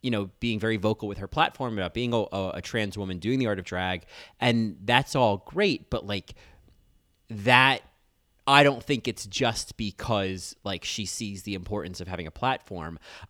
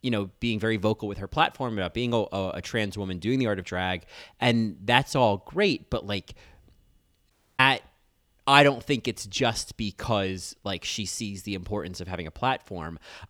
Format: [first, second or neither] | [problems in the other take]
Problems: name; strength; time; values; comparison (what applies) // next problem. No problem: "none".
first | audio cutting out; at 7.5 s